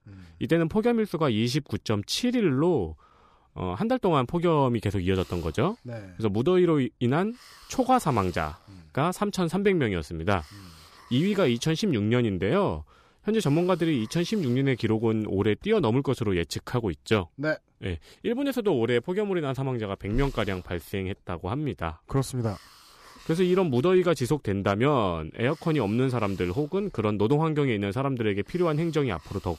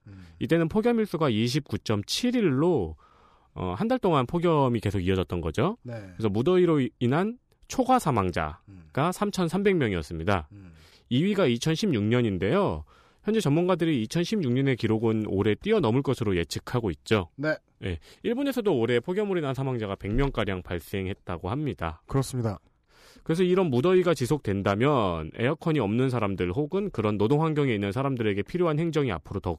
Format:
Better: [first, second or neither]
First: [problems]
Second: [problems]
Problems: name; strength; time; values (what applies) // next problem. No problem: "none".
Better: second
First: hiss; faint; from 5 to 15 s and from 20 s on; 25 dB below the speech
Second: none